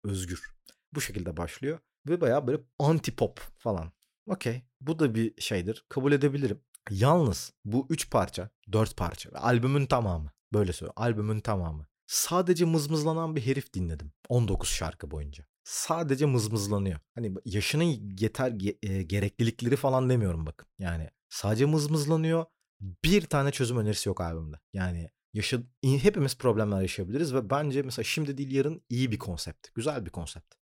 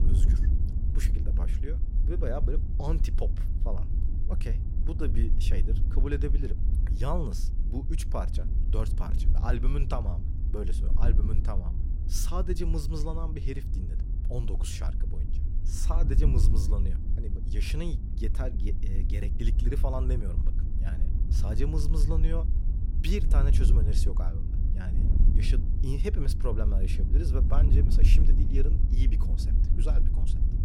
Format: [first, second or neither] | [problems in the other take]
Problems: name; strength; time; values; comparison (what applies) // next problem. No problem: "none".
first | wind noise on the microphone; heavy; 6 dB below the speech